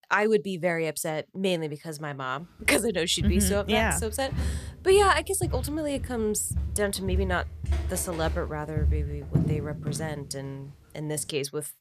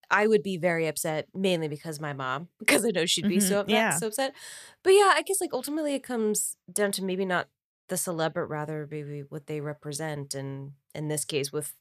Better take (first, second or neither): second